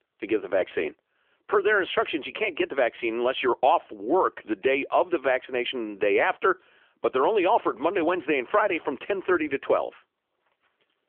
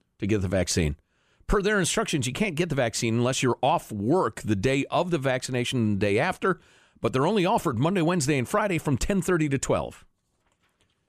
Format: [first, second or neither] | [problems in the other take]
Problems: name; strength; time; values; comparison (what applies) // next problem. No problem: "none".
second | phone-call audio; nothing above 3.5 kHz